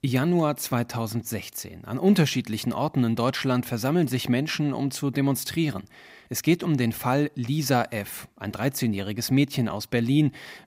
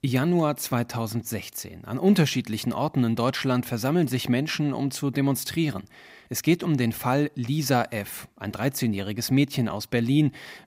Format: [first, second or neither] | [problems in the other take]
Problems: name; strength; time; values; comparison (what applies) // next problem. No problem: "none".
neither | none